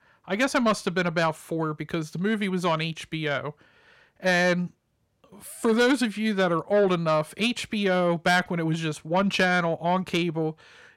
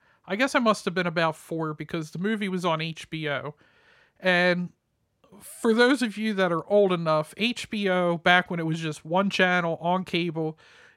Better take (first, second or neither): second